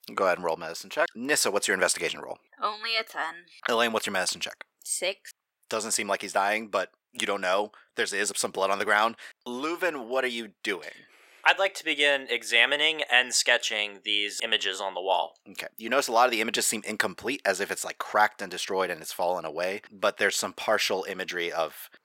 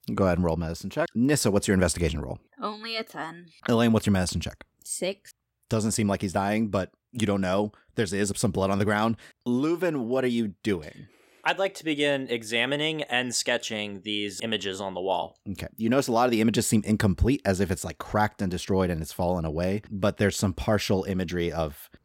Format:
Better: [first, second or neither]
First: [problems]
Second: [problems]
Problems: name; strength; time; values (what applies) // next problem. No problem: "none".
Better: second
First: thin; very; fading below 550 Hz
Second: none